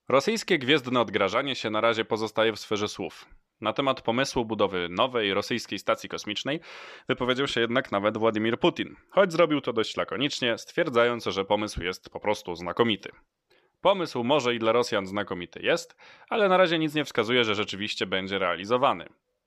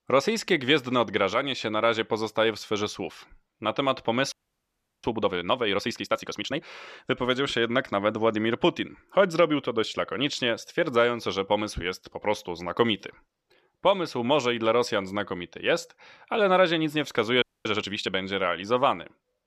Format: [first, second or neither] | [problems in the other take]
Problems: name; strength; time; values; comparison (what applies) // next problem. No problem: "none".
first | audio freezing; at 4.5 s for 0.5 s and at 17 s